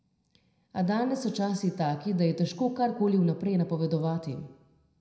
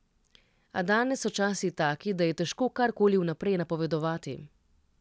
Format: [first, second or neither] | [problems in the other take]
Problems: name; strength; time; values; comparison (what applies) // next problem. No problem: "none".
second | room echo; dies away in 0.7 s